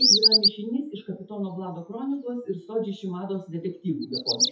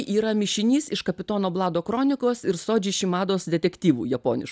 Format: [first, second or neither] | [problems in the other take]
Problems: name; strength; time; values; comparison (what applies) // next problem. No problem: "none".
second | noise reduction (classical method WPE with log-MMSE)